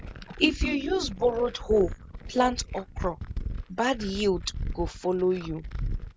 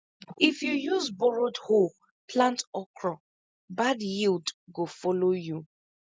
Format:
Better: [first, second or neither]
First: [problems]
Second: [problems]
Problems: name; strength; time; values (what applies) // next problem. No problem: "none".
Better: second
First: background sound (Glass); 7 dB below the speech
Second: none